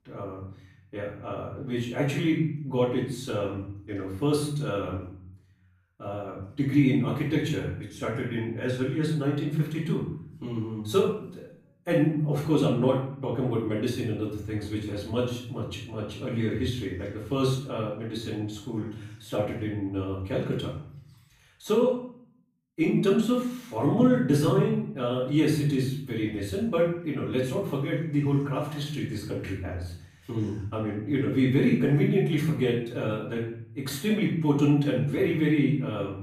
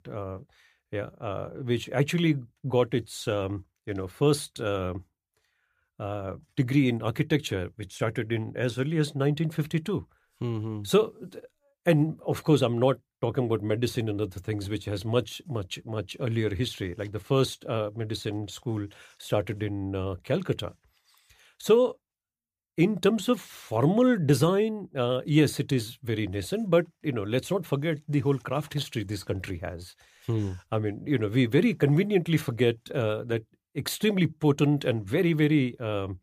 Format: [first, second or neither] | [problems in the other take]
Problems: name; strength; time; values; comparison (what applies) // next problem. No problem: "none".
second | off-mic speech; far // room echo; noticeable; dies away in 0.6 s